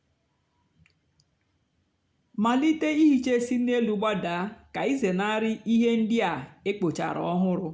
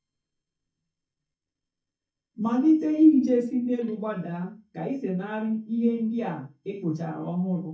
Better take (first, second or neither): first